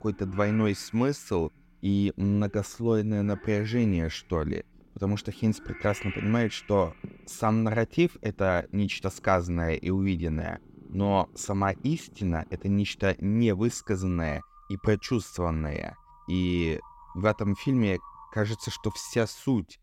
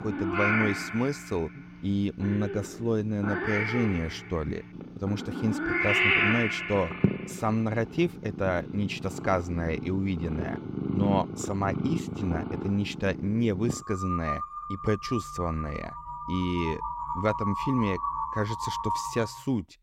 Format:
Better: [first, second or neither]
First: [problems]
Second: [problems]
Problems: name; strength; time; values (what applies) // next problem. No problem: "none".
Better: first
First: animal sounds; faint; throughout; 20 dB below the speech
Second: animal sounds; loud; throughout; 1 dB below the speech